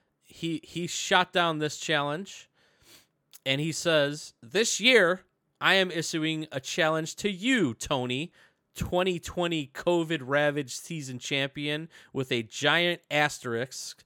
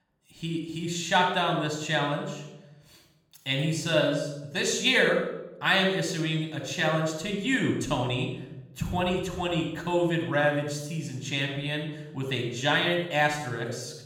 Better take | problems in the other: first | off-mic speech; somewhat distant // room echo; noticeable; dies away in 0.9 s

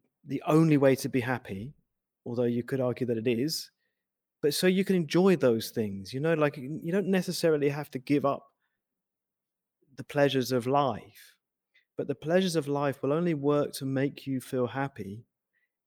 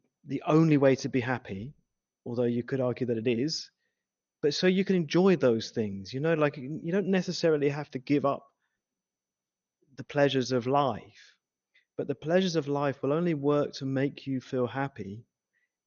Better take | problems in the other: first | garbled, watery; slightly; nothing above 6.5 kHz

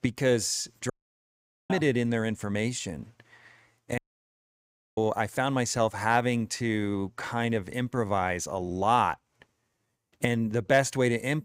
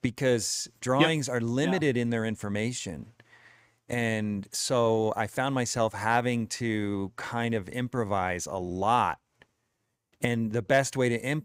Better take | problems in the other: second | audio cutting out; at 1 s for 1 s and at 4 s for 1 s

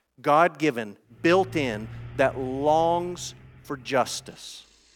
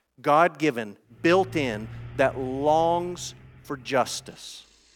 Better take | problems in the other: neither | traffic noise; noticeable; from 1.5 s on; 20 dB below the speech; the same in both

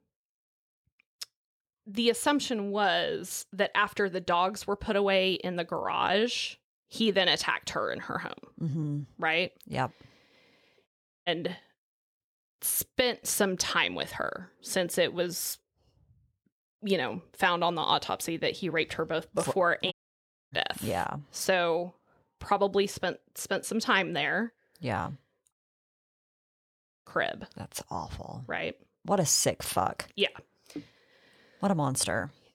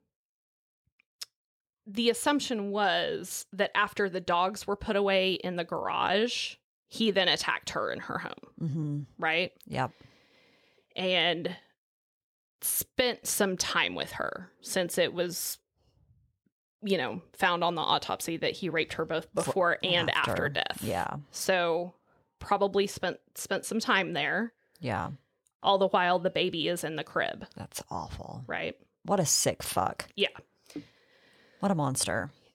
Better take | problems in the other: second | audio cutting out; at 11 s, at 20 s for 0.5 s and at 26 s for 1.5 s

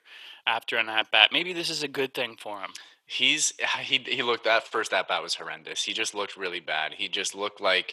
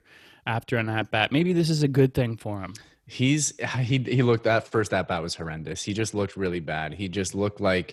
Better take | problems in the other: second | thin; very; fading below 600 Hz

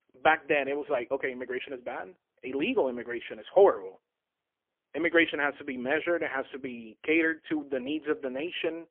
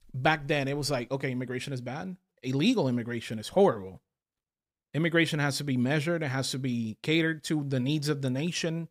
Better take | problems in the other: second | phone-call audio; poor line; nothing above 3 kHz

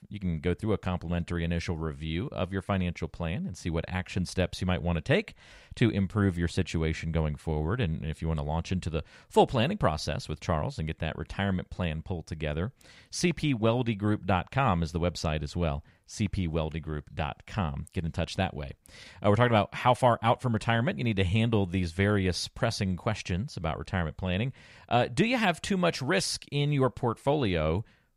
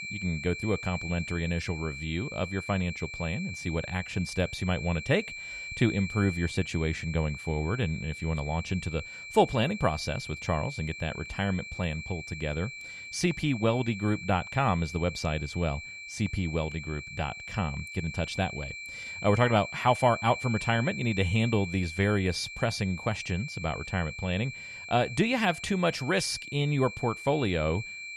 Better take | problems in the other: first | high-pitched whine; loud; throughout; 2.5 kHz, 9 dB below the speech

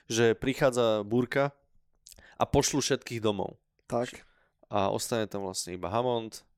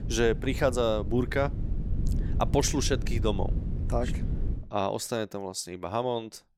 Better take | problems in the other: first | wind noise on the microphone; occasional gusts; until 4.5 s; 15 dB below the speech

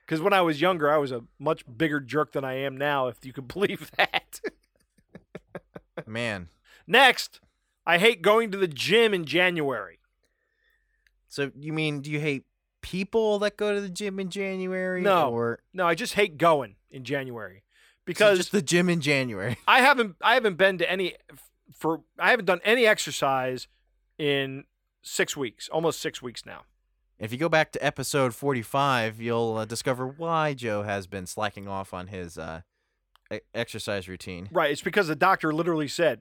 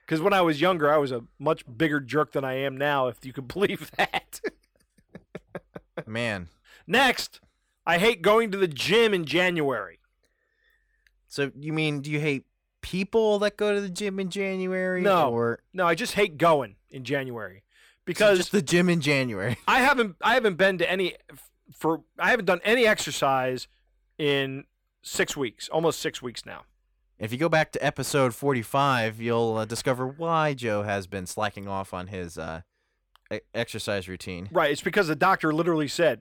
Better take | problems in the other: first | distortion; slight; 10 dB below the speech

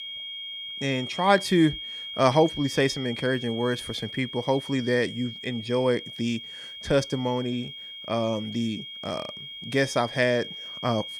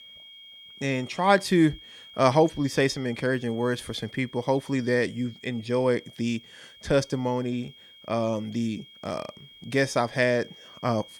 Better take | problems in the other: second | high-pitched whine; loud; throughout; 3.5 kHz, 9 dB below the speech; faint in the second

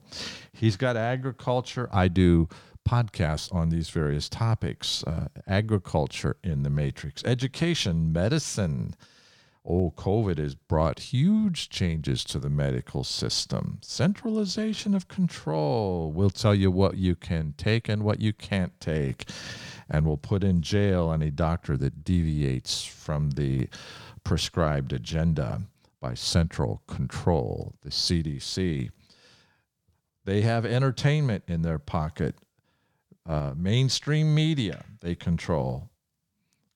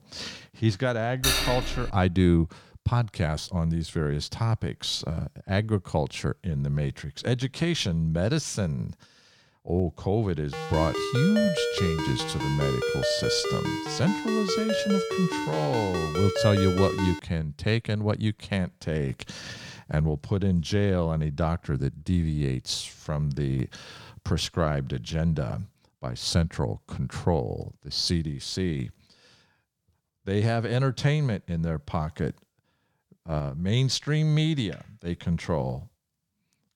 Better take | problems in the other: first | clattering dishes; loud; at 1 s; peak 4 dB above the speech // phone ringing; loud; from 11 to 17 s; peak 1 dB above the speech

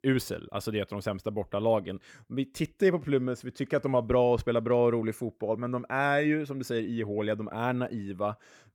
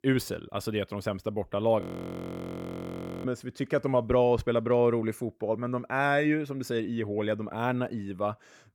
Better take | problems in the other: first | audio freezing; at 2 s for 1.5 s

